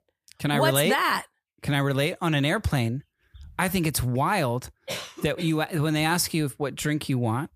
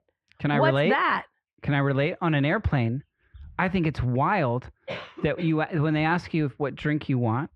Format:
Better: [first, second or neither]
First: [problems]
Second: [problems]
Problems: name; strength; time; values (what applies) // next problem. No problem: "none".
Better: first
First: none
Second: muffled; very; fading above 2.5 kHz